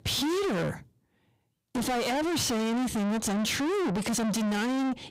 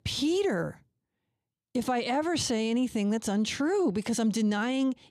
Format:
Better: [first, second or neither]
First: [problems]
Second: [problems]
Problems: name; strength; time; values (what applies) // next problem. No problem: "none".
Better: second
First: distortion; heavy; 7 dB below the speech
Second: none